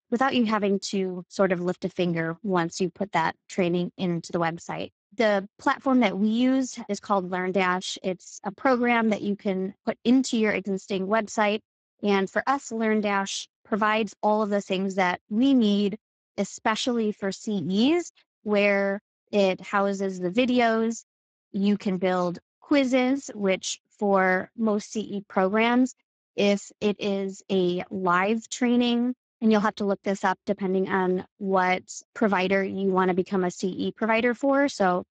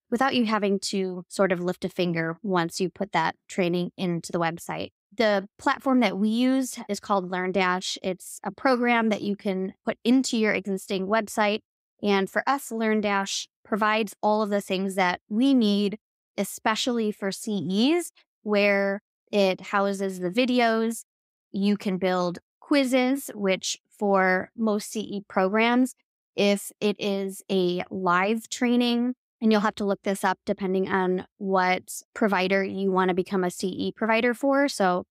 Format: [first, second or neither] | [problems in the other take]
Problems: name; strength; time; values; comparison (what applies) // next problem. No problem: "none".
second | garbled, watery; badly; nothing above 7.5 kHz